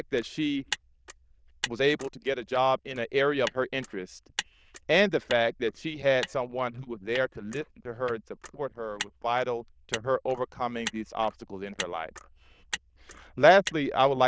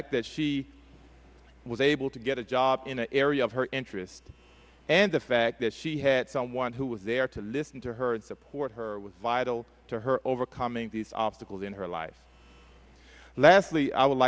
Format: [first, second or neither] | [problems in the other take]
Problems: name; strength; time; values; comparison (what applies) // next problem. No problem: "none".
second | noise reduction (neural diffusion model UNIVERSE++)